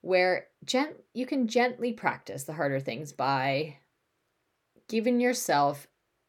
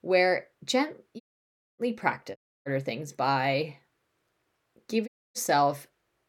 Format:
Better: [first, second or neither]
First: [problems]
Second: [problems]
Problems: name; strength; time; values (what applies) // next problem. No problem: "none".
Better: first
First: none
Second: audio cutting out; at 1 s for 0.5 s, at 2.5 s and at 5 s